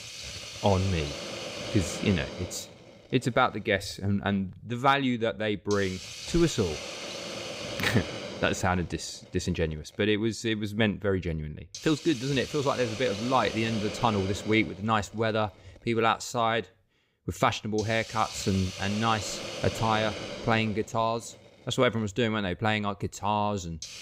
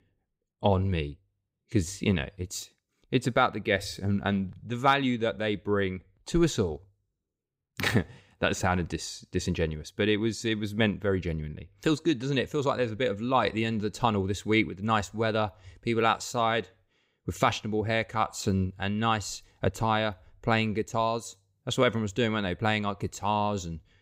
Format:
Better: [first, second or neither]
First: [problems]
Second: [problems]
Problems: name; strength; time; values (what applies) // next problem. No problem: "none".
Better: second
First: hiss; loud; throughout; 9 dB below the speech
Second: none